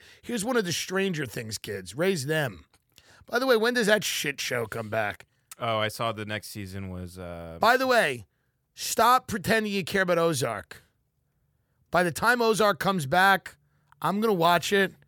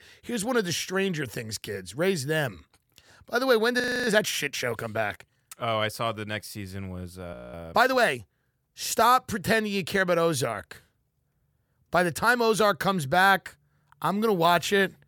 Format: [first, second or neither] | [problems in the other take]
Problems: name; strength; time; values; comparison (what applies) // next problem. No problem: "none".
first | audio freezing; at 4 s and at 7.5 s